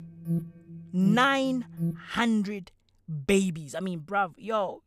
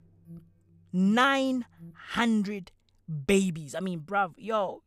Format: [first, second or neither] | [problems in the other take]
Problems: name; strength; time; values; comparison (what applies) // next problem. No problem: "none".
second | alarms or sirens; loud; until 2 s; 7 dB below the speech; faint in the second